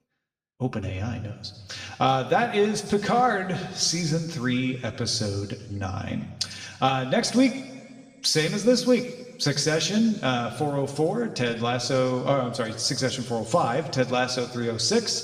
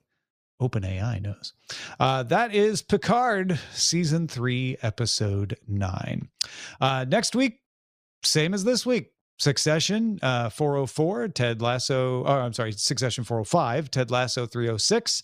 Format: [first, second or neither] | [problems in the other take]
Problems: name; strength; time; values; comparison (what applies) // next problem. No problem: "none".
second | room echo; noticeable; dies away in 1.3 s // off-mic speech; somewhat distant